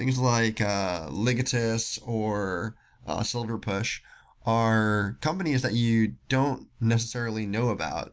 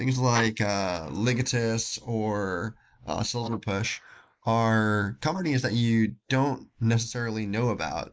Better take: first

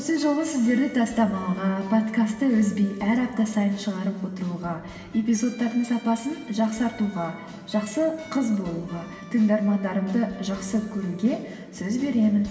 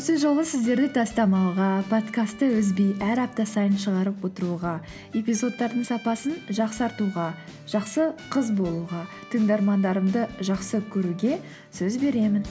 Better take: second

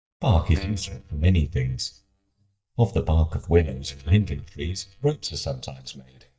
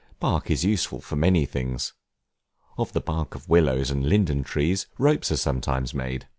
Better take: second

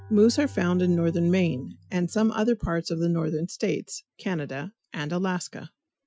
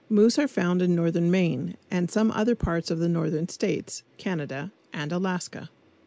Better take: second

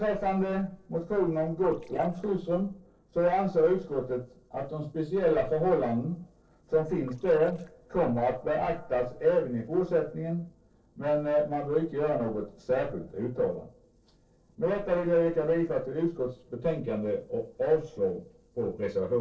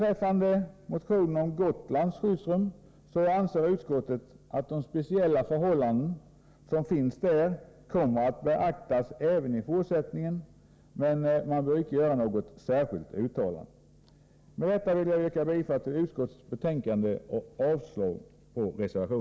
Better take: second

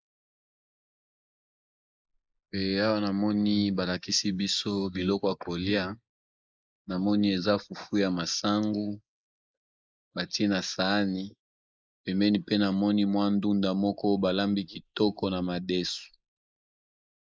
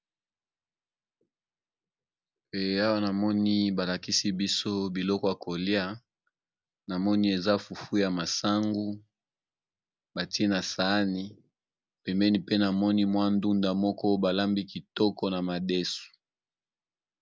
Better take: second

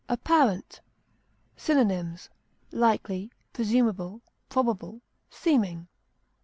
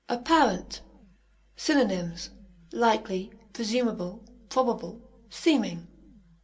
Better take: first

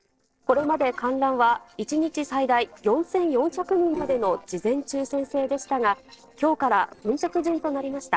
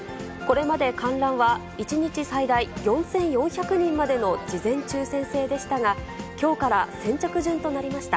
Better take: second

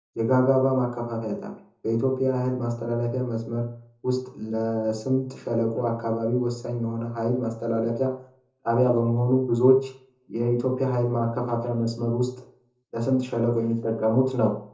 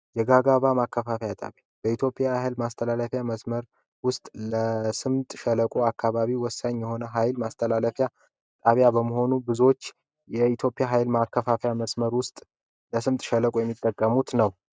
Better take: second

